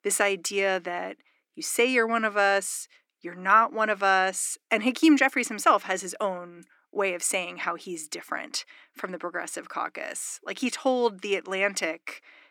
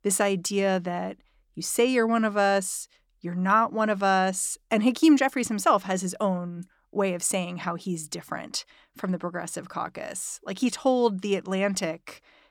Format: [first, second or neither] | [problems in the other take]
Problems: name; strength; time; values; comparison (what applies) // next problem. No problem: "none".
second | thin; very slightly; fading below 300 Hz